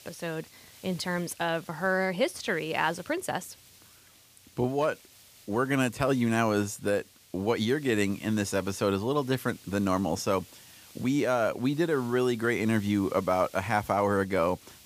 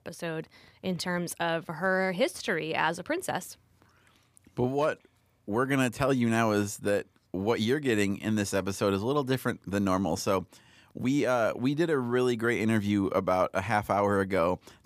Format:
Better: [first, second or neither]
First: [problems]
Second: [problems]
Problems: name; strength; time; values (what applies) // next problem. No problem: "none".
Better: second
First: hiss; faint; throughout; 25 dB below the speech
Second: none